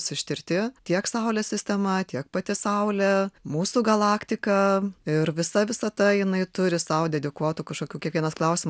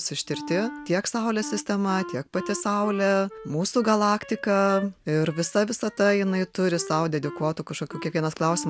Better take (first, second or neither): first